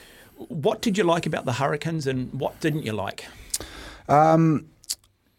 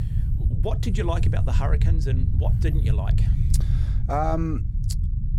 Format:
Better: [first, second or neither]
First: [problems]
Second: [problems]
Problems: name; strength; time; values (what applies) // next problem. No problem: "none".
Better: first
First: none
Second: low rumble; loud; throughout; 7 dB below the speech